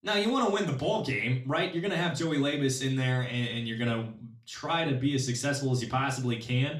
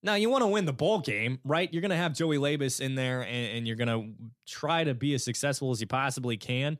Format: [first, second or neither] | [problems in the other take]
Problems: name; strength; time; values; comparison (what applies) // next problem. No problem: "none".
second | room echo; slight; dies away in 0.4 s // off-mic speech; somewhat distant